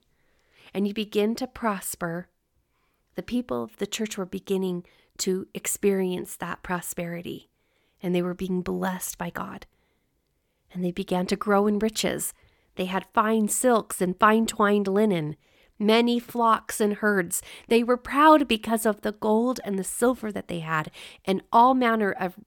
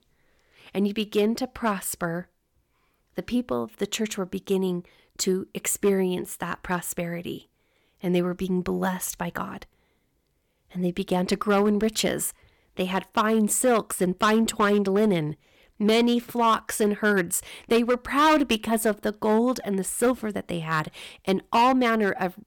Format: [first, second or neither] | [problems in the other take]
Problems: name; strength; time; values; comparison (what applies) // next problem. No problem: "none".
first | distortion; slight; 3% of the sound clipped